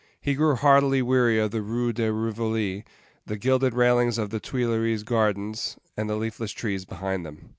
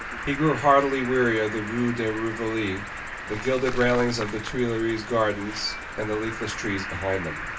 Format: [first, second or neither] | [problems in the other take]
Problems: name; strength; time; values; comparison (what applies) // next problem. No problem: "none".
first | background sound (Cricket); 8 dB below the speech // room echo; dies away in 0.2 s